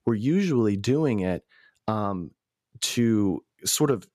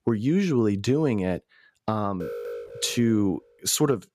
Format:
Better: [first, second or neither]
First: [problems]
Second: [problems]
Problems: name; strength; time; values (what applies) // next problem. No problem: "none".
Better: first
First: none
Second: alarm; noticeable; from 2 to 3 s; peak 9 dB below the speech